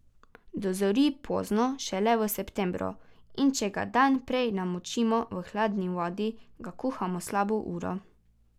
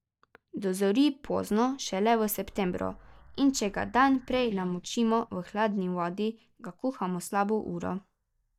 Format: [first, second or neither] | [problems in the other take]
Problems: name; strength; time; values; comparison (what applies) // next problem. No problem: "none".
first | noise reduction (neural mask model DeepFilterNet 3)